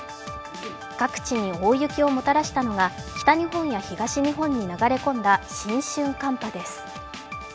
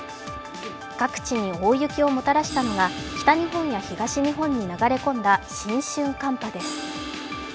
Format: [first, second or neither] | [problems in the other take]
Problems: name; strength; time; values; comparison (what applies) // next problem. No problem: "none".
first | background sound (Crash cymbal); 14 dB below the speech